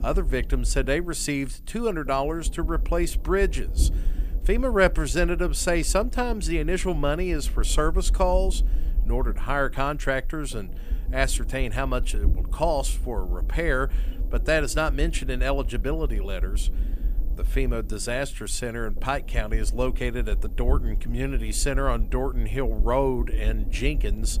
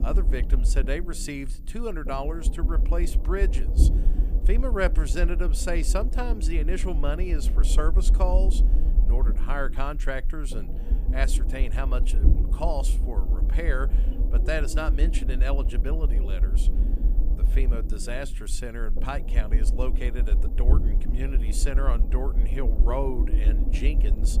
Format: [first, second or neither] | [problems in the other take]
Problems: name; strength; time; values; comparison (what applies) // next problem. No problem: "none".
first | low rumble; loud; throughout; 10 dB below the speech; faint in the first